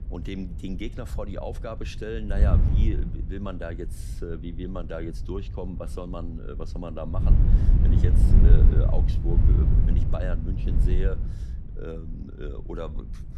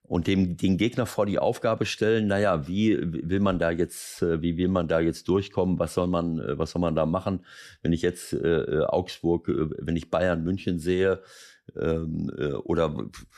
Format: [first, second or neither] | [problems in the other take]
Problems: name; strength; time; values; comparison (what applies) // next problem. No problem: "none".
second | wind noise on the microphone; heavy; 1 dB below the speech